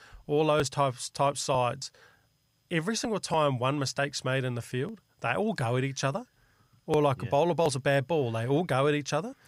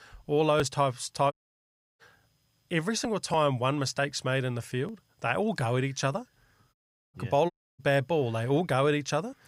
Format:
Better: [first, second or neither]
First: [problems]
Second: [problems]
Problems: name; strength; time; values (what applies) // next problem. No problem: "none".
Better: first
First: none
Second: audio cutting out; at 1.5 s for 0.5 s, at 6.5 s and at 7.5 s